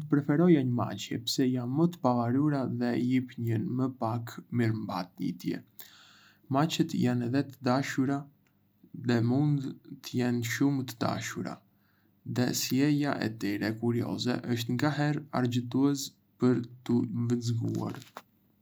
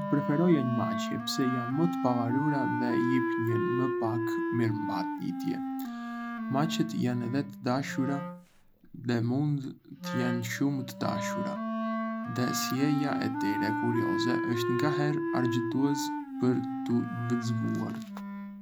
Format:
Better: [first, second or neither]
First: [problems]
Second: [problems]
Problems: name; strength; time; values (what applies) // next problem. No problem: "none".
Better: first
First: none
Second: background sound (Wind instrument, woodwind instrument); 2 dB below the speech